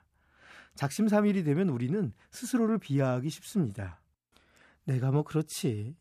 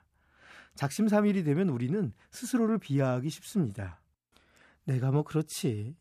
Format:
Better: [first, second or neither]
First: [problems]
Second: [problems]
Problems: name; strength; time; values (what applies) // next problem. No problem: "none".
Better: neither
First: none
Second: none